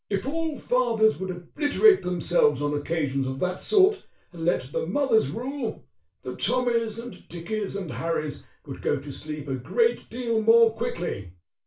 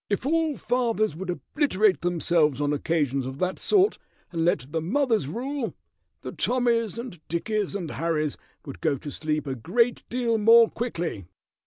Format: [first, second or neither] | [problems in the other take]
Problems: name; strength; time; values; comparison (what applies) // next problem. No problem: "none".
second | room echo; dies away in 0.2 s